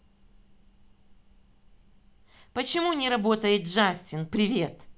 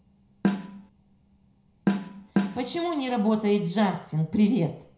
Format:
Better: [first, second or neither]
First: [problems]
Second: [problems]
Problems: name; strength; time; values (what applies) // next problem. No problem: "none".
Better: first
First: none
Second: background sound (Snare drum); as loud as the speech // room echo; dies away in 0.5 s